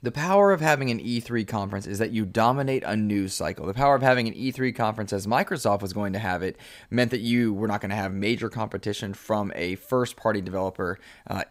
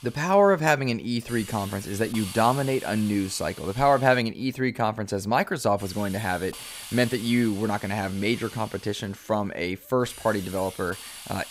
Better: first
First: none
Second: hiss; noticeable; until 4 s and from 6 s on; 15 dB below the speech

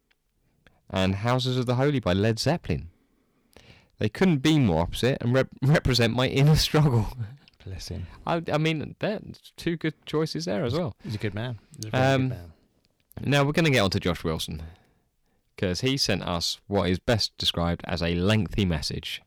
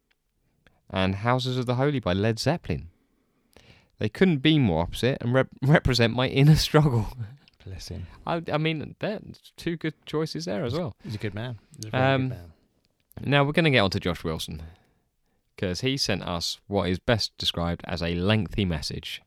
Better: second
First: distortion; slight; 3% of the sound clipped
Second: none

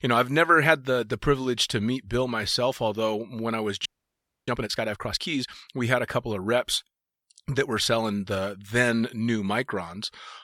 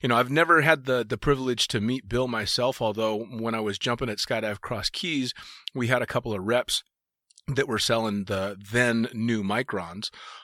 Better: second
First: audio freezing; at 4 s for 0.5 s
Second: none

